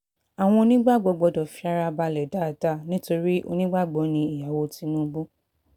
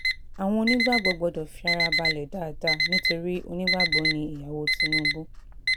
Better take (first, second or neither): first